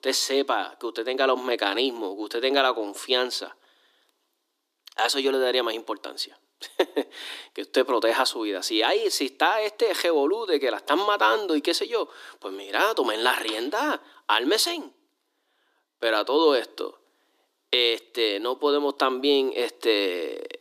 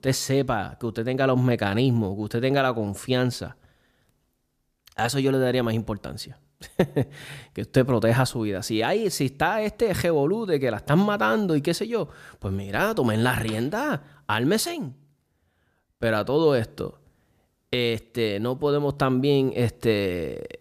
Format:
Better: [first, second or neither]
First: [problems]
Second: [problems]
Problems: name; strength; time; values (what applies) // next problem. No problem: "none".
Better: second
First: thin; somewhat; fading below 300 Hz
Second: none